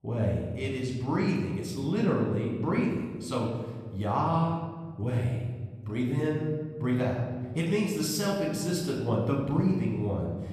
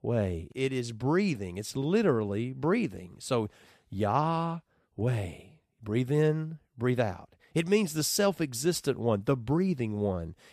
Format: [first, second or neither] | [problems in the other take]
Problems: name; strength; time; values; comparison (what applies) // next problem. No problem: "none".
second | off-mic speech; far // room echo; noticeable; dies away in 1.5 s